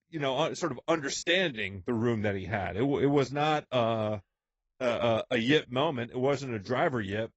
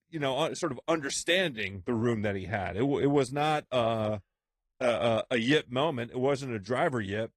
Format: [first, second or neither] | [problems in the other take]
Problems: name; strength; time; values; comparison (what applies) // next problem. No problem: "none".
second | garbled, watery; badly; nothing above 7.5 kHz; slightly in the second